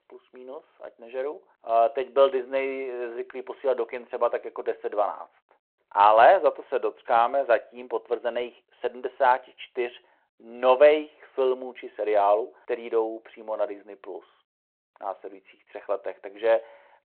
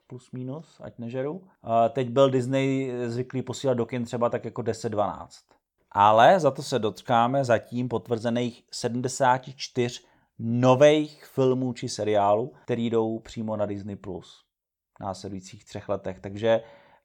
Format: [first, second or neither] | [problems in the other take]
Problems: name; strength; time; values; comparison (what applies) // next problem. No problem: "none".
second | phone-call audio